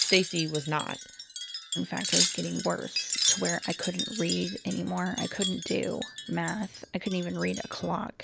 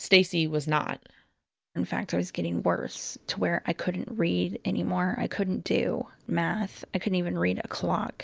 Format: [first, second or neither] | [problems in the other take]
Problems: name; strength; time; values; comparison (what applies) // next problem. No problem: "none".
second | background sound (Wind chime); 2 dB below the speech